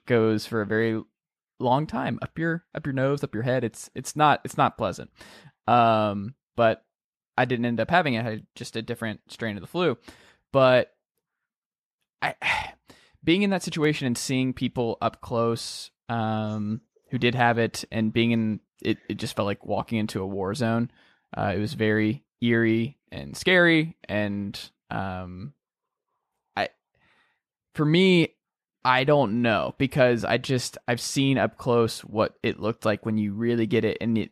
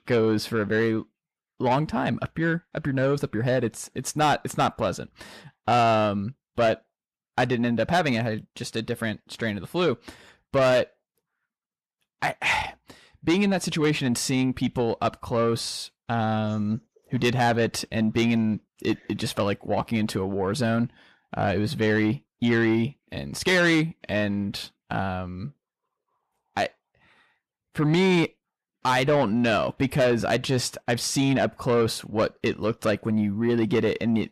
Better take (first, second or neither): first